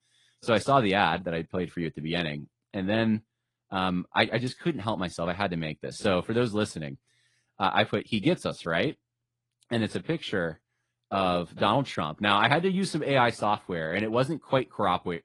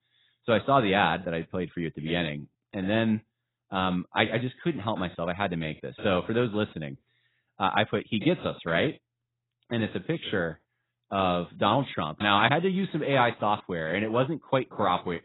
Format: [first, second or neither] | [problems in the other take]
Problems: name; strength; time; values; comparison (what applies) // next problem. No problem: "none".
first | garbled, watery; badly; nothing above 4 kHz; slightly in the first